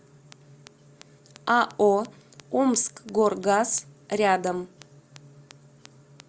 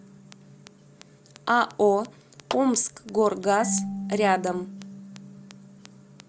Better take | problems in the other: first | background sound (Clapping + Marimba, xylophone / Wood); 11 dB below the speech

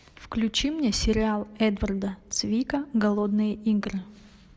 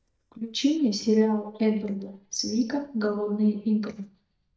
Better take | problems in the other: first | noise reduction (neural mask model DeepFilterNet 3)

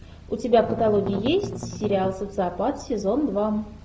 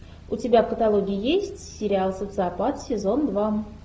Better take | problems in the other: second | background sound (Strum); 8 dB below the speech

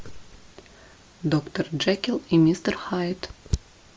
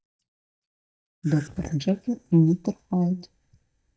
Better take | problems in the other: first | noise reduction (neural mask model DeepFilterNet 3)

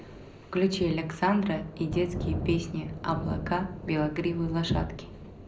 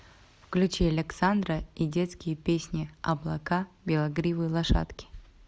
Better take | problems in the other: second | background sound (Thunder); 8 dB below the speech // room echo; dies away in 0.5 s

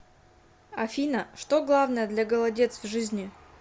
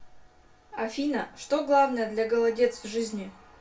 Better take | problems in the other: first | room echo; dies away in 0.2 s

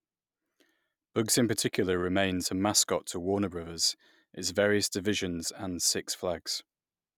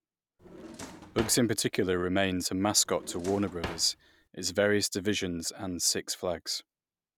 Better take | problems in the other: first | background sound (Drawer open or close); 13 dB below the speech

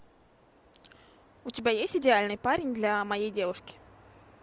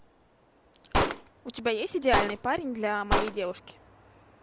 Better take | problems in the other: first | background sound (Gunshot, gunfire); as loud as the speech

